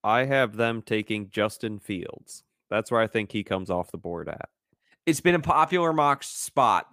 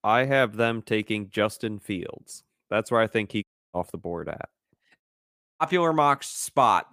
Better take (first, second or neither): first